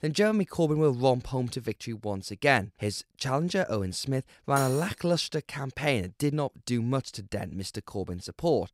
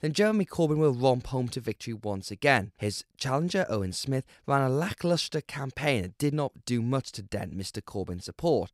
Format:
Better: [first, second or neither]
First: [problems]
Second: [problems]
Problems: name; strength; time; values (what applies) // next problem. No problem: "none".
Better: second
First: clattering dishes; noticeable; at 4.5 s; peak 8 dB below the speech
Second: none